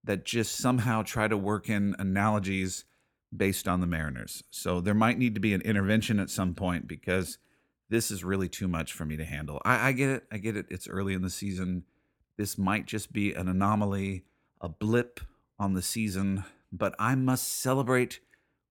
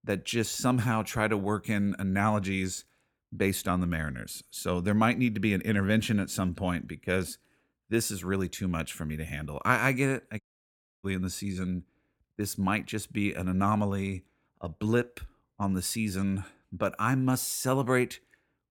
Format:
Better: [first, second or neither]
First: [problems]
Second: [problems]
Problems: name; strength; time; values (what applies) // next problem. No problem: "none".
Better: first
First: none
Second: audio cutting out; at 10 s for 0.5 s